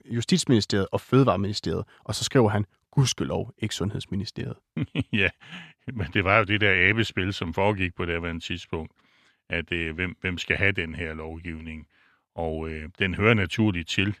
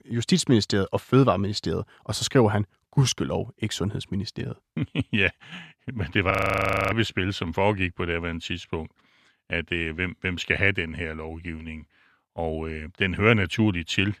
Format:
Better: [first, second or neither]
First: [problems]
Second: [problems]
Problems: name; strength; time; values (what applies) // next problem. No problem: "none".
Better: first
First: none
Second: audio freezing; at 6.5 s for 0.5 s